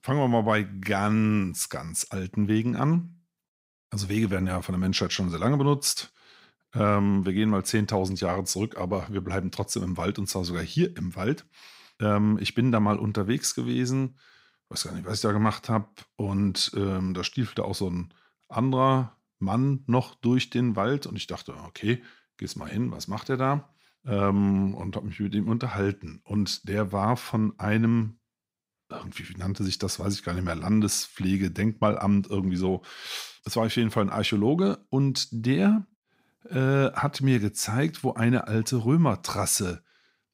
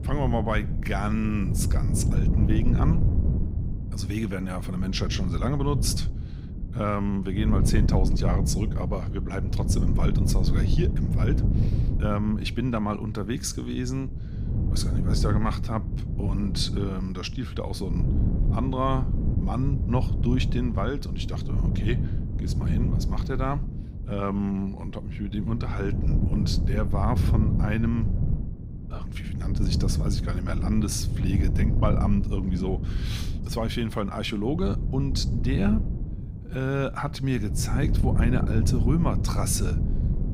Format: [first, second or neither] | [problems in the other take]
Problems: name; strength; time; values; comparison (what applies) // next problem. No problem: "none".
first | wind noise on the microphone; heavy; 7 dB below the speech